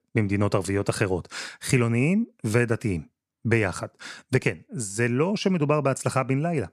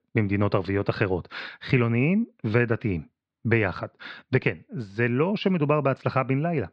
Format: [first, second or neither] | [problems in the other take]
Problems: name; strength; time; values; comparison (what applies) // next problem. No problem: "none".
first | muffled; slightly; fading above 4 kHz